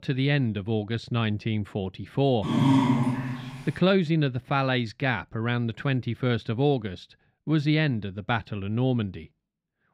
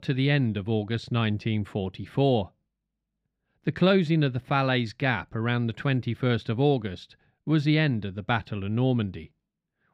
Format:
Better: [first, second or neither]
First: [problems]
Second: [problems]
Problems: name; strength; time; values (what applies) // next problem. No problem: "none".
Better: second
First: dog barking; loud; from 2.5 to 3.5 s; peak 6 dB above the speech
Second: none